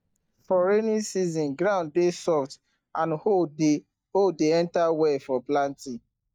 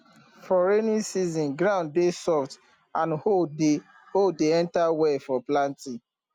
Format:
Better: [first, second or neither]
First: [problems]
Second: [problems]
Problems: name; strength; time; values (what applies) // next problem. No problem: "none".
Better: second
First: noise reduction (neural mask model DeepFilterNet 3)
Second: none